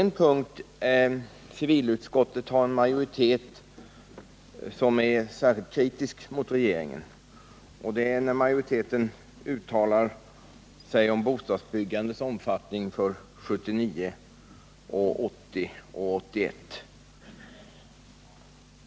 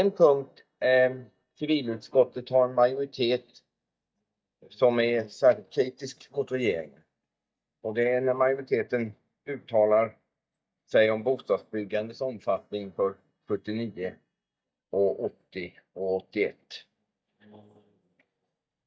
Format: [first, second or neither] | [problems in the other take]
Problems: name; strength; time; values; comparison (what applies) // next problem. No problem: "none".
first | noise reduction (neural mask model DeepFilterNet 3)